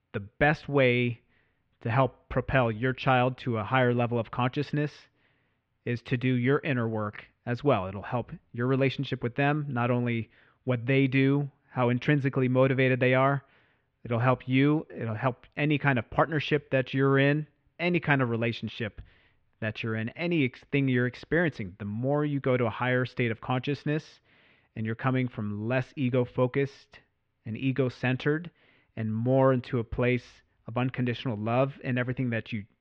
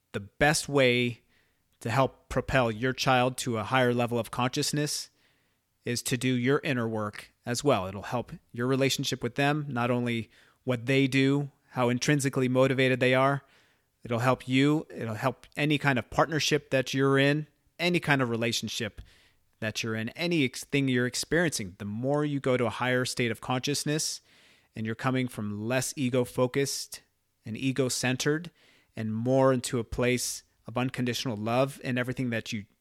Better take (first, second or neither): second